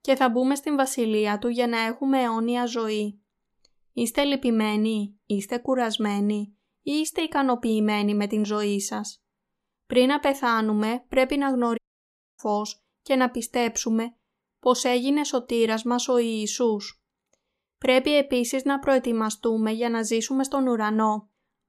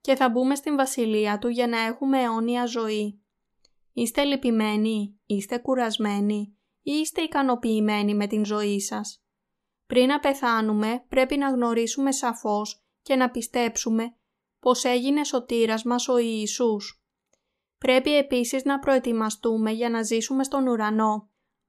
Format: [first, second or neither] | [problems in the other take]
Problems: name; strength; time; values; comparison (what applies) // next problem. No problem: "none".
second | audio cutting out; at 12 s for 0.5 s